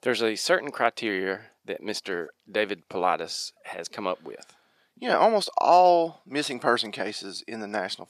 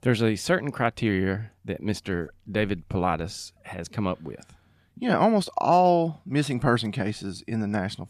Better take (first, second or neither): second